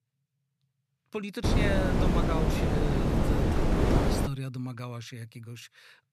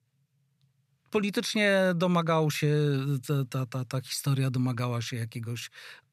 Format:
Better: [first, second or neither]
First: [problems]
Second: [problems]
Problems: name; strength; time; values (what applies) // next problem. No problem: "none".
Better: second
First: wind noise on the microphone; heavy; from 1.5 to 4.5 s; 5 dB above the speech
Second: none